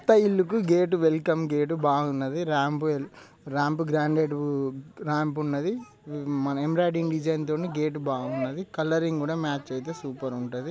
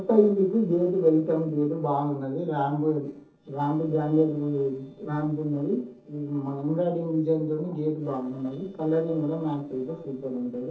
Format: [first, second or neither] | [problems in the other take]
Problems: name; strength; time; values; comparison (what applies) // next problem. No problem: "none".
first | noise reduction (neural separator model SepFormer DNS4)